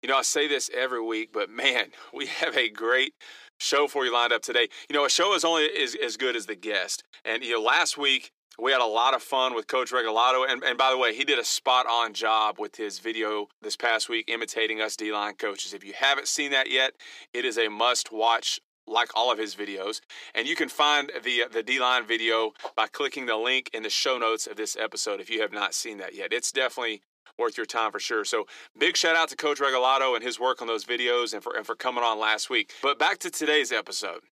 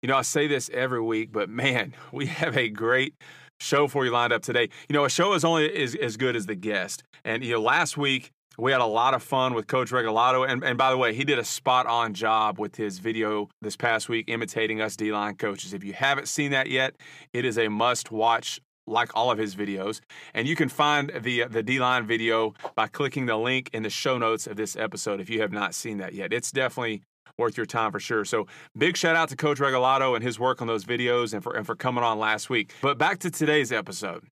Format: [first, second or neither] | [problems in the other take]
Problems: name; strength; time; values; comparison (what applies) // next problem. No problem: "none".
second | thin; somewhat; fading below 350 Hz